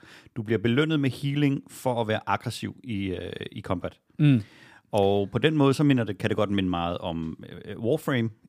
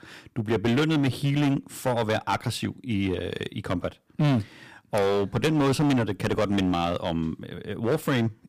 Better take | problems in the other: first | distortion; heavy; 11% of the sound clipped

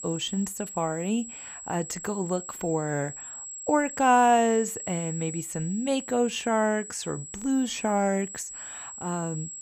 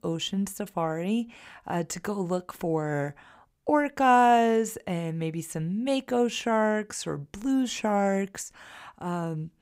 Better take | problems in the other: second | high-pitched whine; loud; throughout; 7.5 kHz, 10 dB below the speech

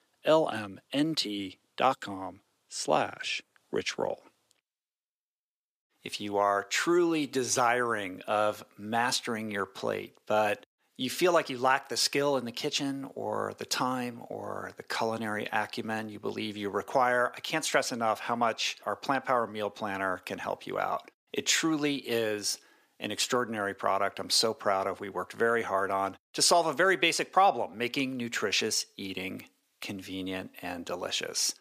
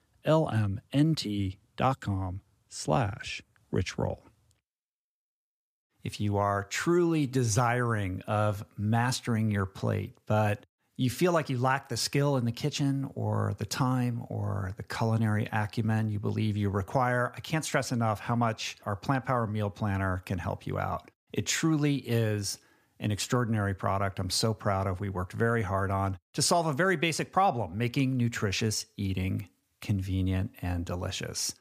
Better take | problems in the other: second | thin; somewhat; fading below 400 Hz

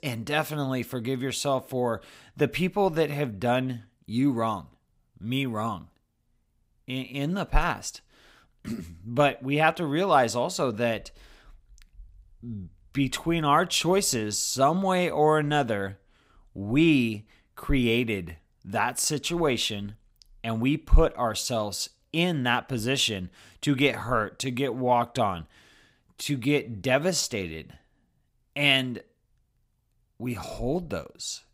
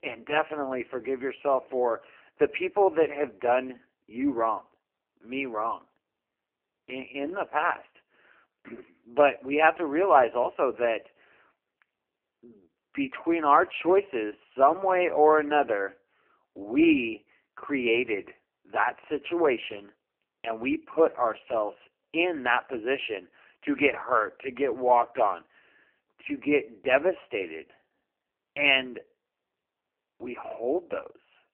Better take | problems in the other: first | phone-call audio; poor line; nothing above 3 kHz

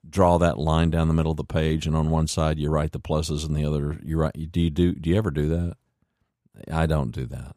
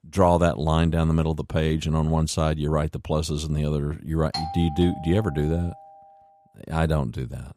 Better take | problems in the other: first | doorbell; noticeable; from 4.5 to 5.5 s; peak 7 dB below the speech

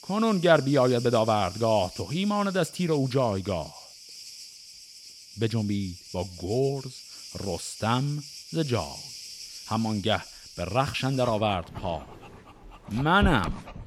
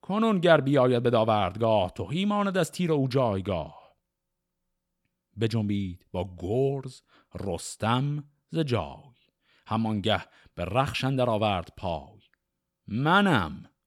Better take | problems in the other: second | animal sounds; noticeable; throughout; 15 dB below the speech

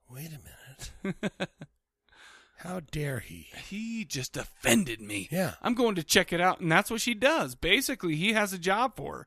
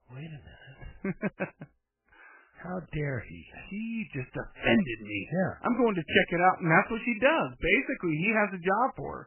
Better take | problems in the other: first | garbled, watery; badly; nothing above 3 kHz

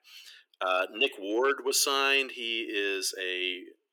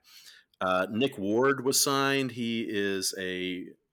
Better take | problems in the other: second | thin; somewhat; fading below 350 Hz

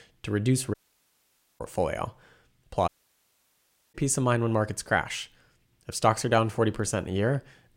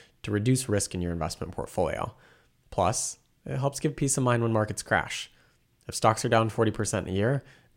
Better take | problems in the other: second | audio cutting out; at 0.5 s for 1 s and at 3 s for 1 s

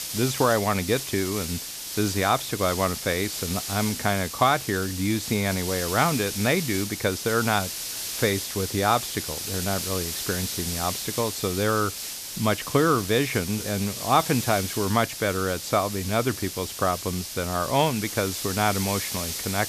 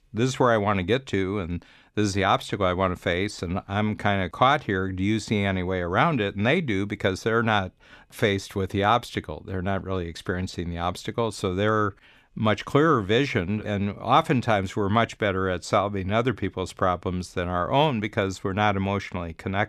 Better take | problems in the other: second | hiss; loud; throughout; 5 dB below the speech

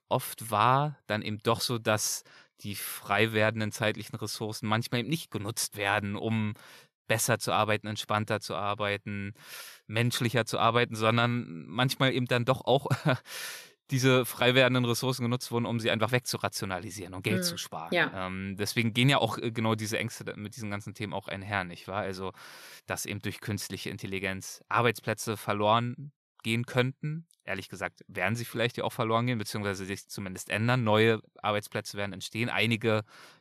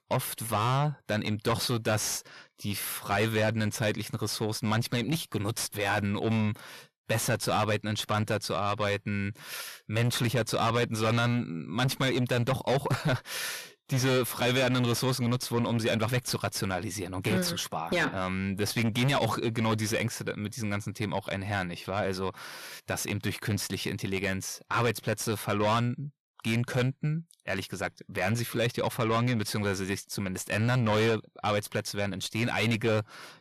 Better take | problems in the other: first | distortion; heavy; 6 dB below the speech

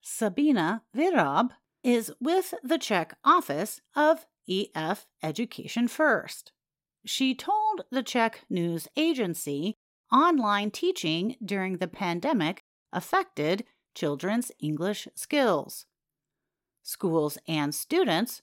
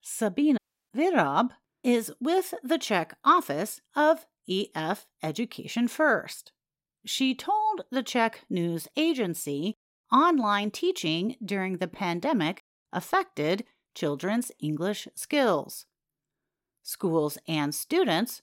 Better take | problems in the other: first | audio cutting out; at 0.5 s

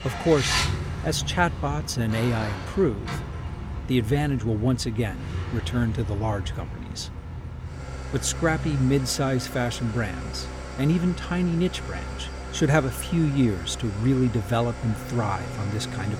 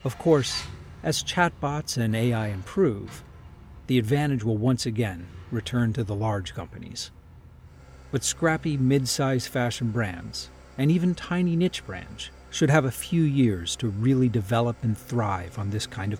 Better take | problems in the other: second | traffic noise; loud; throughout; 7 dB below the speech; faint in the second

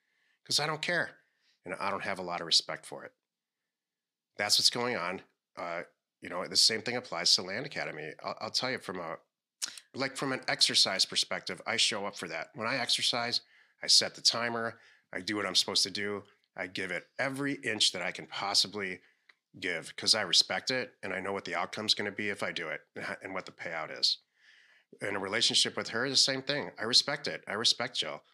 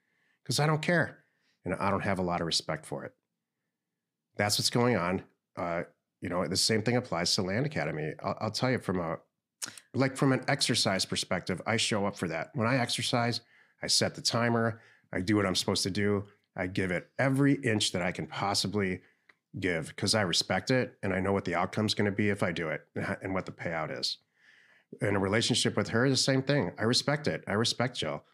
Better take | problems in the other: second | thin; somewhat; fading below 1 kHz

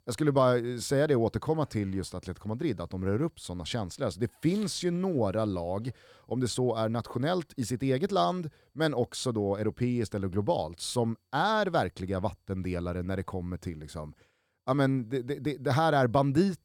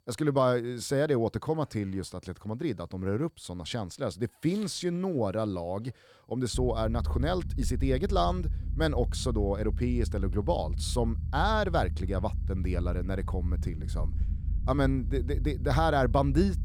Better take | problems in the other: first | low rumble; noticeable; from 6.5 s on; 20 dB below the speech

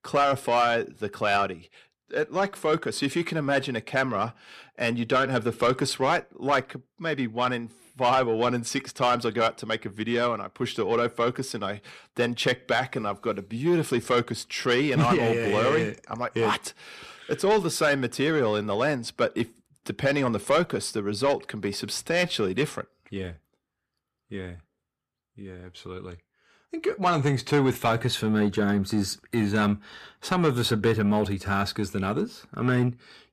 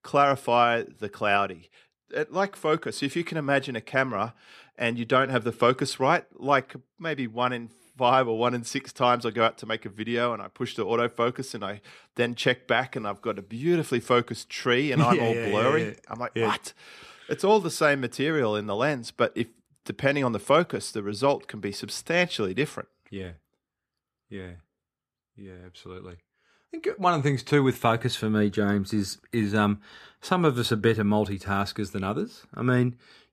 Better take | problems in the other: second | distortion; slight; 10 dB below the speech

